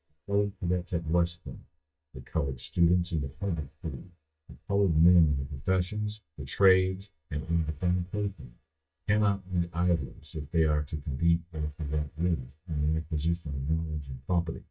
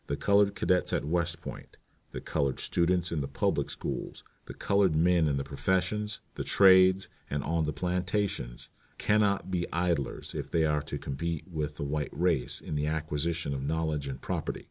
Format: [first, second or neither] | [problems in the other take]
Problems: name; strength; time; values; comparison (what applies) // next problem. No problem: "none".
second | noise reduction (neural mask model DeepFilterNet 3)